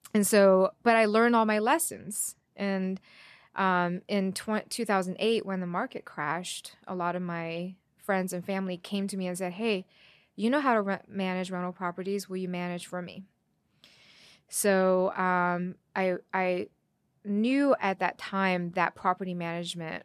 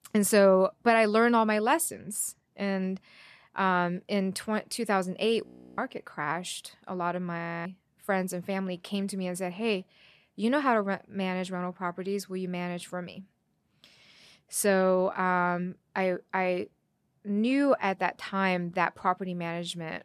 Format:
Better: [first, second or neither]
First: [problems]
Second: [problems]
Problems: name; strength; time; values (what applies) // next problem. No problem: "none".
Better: first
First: none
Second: audio freezing; at 5.5 s and at 7.5 s